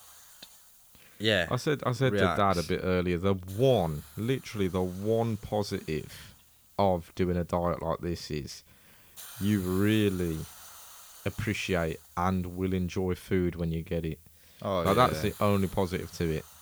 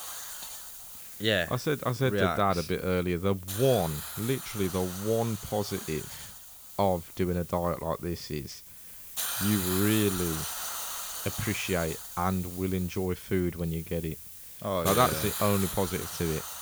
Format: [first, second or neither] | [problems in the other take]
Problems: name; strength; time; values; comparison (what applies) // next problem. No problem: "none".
first | hiss; loud; throughout; 6 dB below the speech; faint in the first